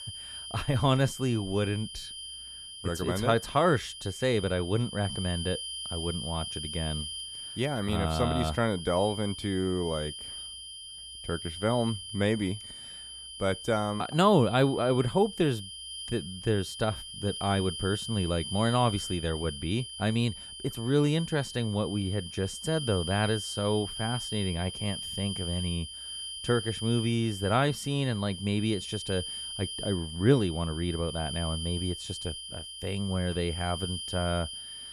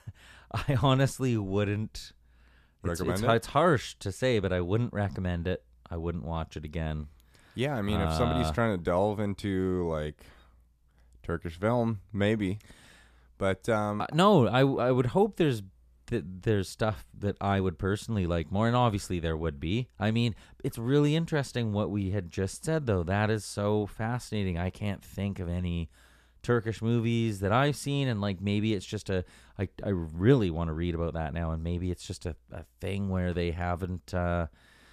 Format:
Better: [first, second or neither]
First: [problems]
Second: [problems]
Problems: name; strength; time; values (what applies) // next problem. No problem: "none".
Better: second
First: high-pitched whine; loud; throughout; 3 kHz, 8 dB below the speech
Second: none